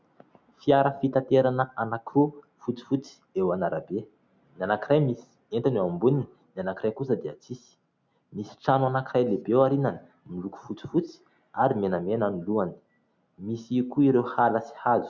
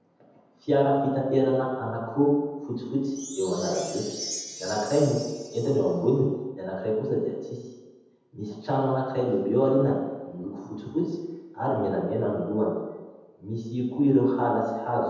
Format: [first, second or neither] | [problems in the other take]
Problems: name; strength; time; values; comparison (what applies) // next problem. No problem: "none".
first | background sound (Chime); 13 dB below the speech // room echo; dies away in 1 s